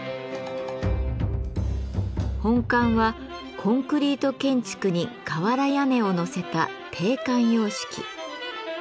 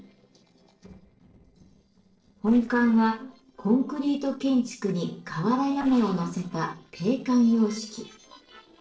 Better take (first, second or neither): first